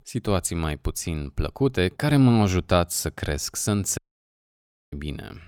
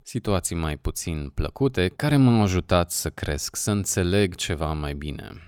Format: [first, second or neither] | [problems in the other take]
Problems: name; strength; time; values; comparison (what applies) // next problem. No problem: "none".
second | audio cutting out; at 4 s for 1 s